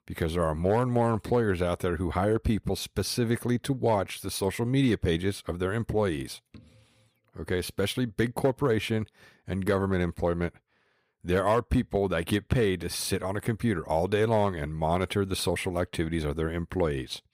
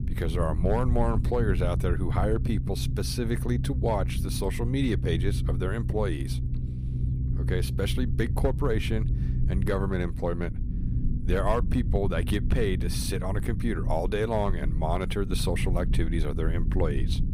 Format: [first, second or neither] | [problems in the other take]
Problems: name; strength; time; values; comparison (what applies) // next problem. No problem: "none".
first | low rumble; noticeable; throughout; 10 dB below the speech